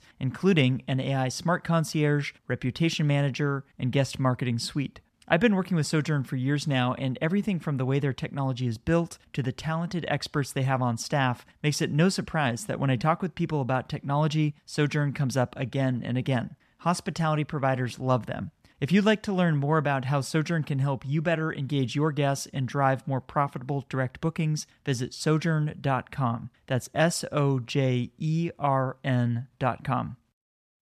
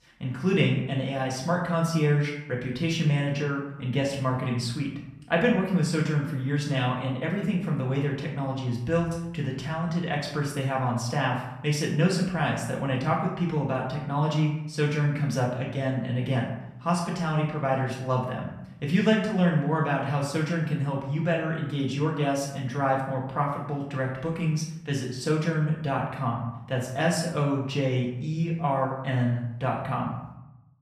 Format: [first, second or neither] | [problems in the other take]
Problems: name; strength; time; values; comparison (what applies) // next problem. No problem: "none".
first | off-mic speech; far // room echo; noticeable; dies away in 0.7 s